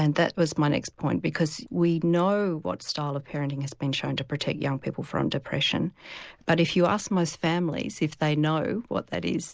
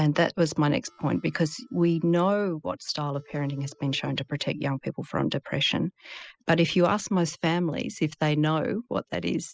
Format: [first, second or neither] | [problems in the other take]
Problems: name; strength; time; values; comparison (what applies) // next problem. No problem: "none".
first | noise reduction (classical method spectral subtraction)